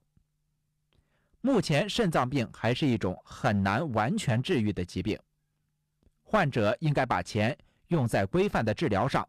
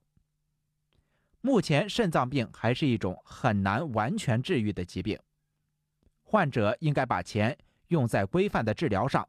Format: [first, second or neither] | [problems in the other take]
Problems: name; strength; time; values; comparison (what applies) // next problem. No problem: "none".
second | distortion; slight; 4% of the sound clipped